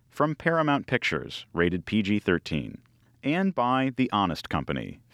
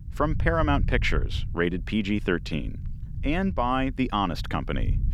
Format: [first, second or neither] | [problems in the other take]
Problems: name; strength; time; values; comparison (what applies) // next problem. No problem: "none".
first | low rumble; faint; throughout; 20 dB below the speech